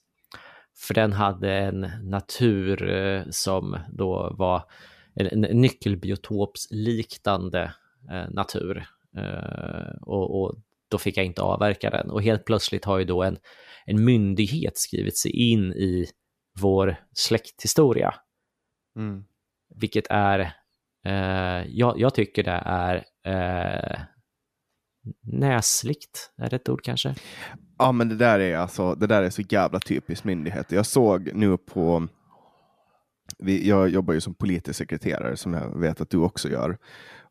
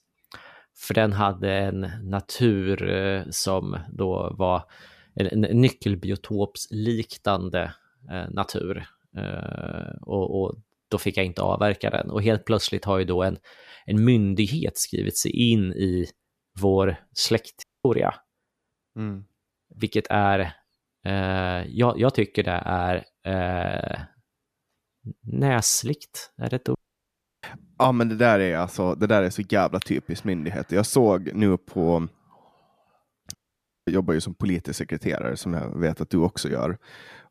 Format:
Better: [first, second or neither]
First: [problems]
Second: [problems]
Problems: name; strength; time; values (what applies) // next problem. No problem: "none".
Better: first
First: none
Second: audio cutting out; at 18 s, at 27 s for 0.5 s and at 33 s for 0.5 s